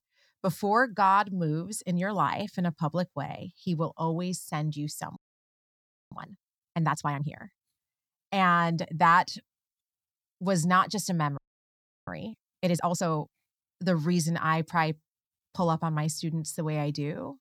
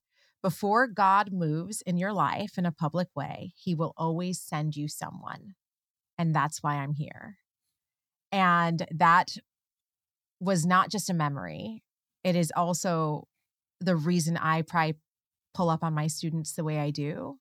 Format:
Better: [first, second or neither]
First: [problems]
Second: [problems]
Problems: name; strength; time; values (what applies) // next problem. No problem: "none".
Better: second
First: audio freezing; at 5 s for 1 s and at 11 s for 0.5 s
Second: none